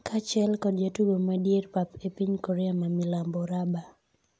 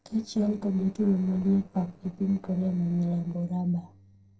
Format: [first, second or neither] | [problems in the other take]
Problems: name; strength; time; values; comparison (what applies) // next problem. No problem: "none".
first | noise reduction (neural separator model SepFormer DNS4)